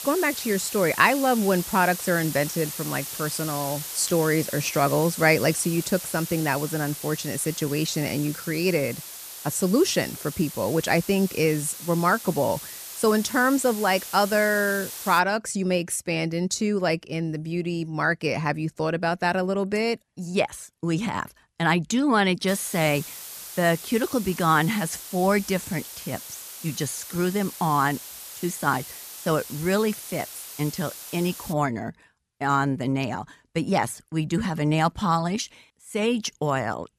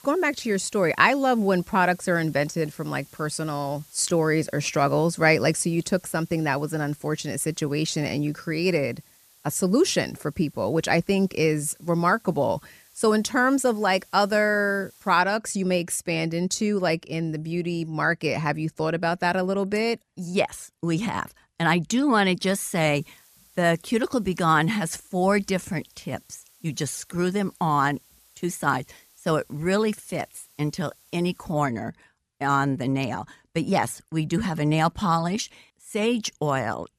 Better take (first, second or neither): second